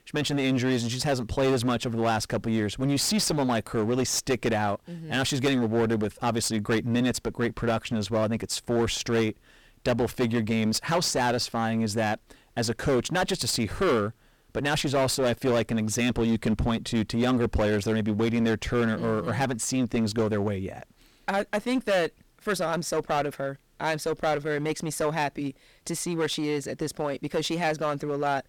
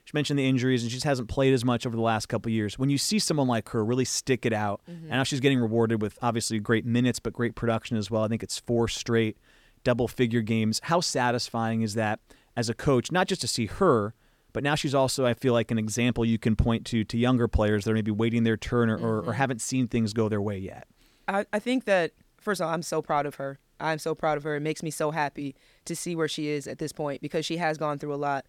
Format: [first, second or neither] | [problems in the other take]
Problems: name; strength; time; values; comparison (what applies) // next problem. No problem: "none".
second | distortion; heavy; 14% of the sound clipped